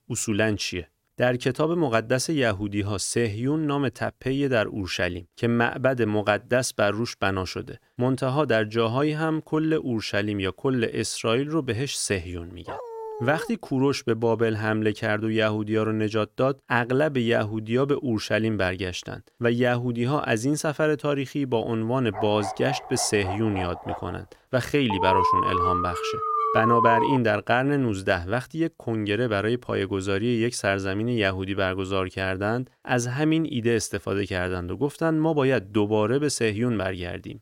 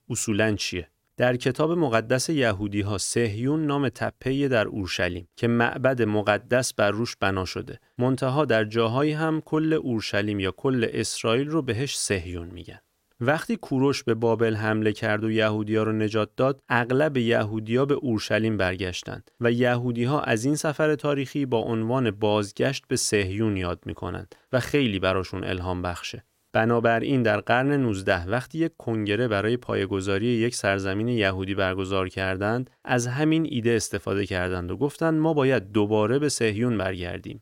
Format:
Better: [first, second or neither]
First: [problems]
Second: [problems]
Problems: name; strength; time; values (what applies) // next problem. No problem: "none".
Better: second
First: dog barking; faint; at 13 s; peak 10 dB below the speech // dog barking; noticeable; from 22 to 24 s; peak 7 dB below the speech // alarm; loud; from 25 to 27 s; peak 4 dB above the speech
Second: none